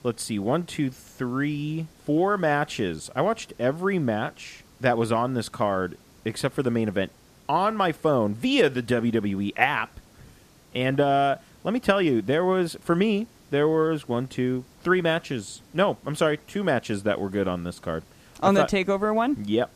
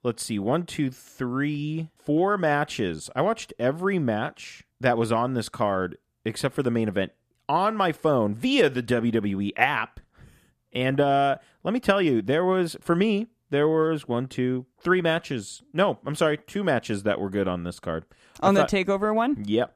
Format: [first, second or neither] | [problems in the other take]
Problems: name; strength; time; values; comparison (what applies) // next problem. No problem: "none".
second | hiss; faint; throughout; 30 dB below the speech